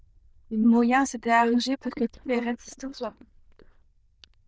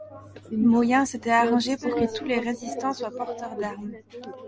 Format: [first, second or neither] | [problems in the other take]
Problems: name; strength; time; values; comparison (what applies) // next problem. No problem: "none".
second | noise reduction (neural diffusion model UNIVERSE++)